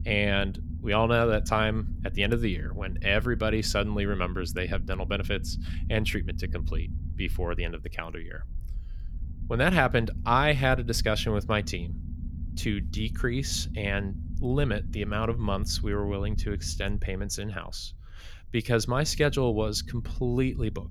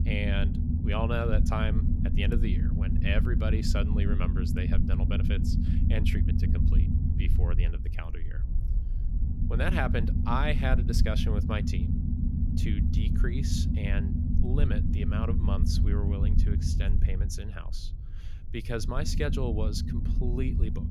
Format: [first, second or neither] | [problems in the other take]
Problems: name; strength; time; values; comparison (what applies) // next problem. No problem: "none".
first | low rumble; loud; throughout; 5 dB below the speech; faint in the first